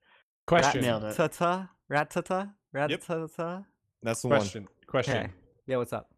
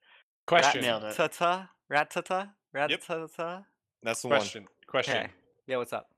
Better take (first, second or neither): first